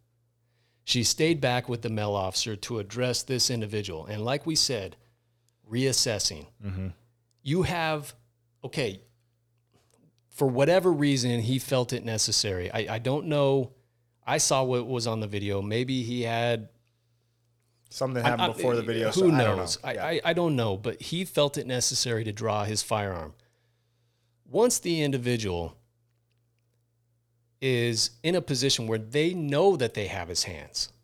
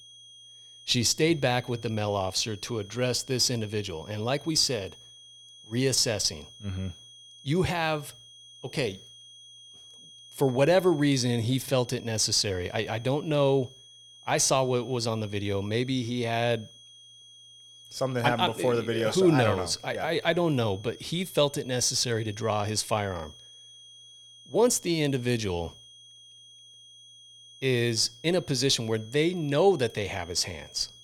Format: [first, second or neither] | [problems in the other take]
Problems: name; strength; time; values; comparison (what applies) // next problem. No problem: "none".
first | high-pitched whine; faint; throughout; 3.5 kHz, 20 dB below the speech